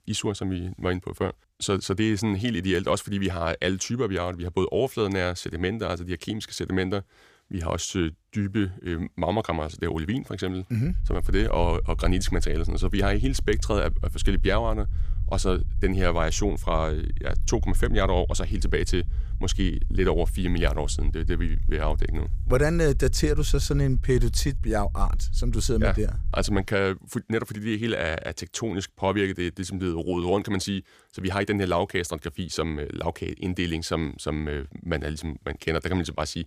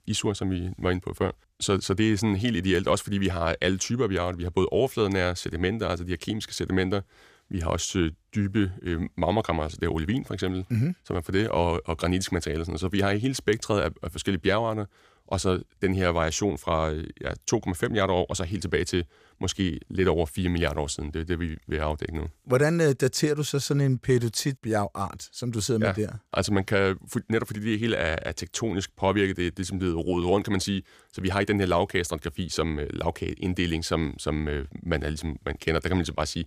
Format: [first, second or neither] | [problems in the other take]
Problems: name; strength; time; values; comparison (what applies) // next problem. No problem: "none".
second | low rumble; faint; from 11 to 27 s; 20 dB below the speech